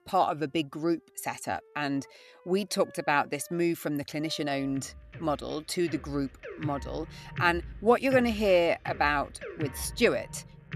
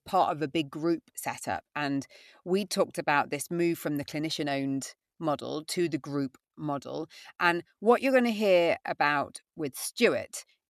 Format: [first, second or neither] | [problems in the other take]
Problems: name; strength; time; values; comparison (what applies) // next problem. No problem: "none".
second | background music; noticeable; throughout; 15 dB below the speech